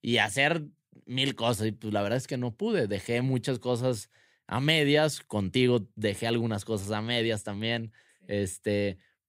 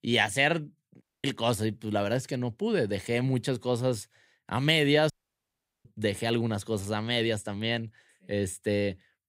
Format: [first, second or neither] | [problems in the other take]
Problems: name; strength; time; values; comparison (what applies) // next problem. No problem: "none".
first | audio cutting out; at 1 s and at 5 s for 1 s